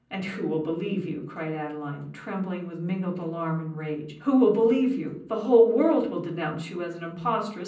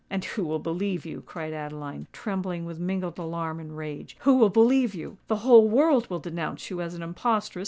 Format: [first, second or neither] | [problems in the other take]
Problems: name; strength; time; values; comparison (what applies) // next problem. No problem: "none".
second | room echo; dies away in 0.6 s